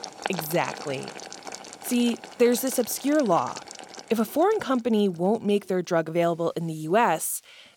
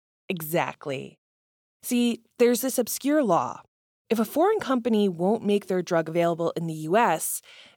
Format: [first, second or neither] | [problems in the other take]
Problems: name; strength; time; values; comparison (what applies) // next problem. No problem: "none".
second | household noises; noticeable; throughout; 15 dB below the speech